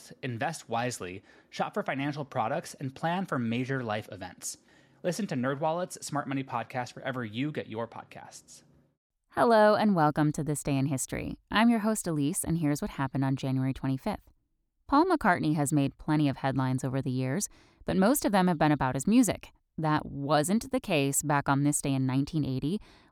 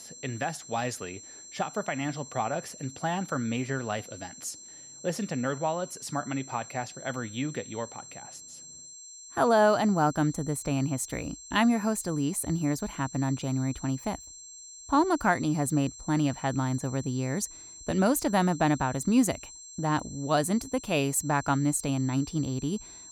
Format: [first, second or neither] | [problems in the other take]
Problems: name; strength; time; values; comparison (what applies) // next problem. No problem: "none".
first | high-pitched whine; noticeable; throughout; 7.5 kHz, 15 dB below the speech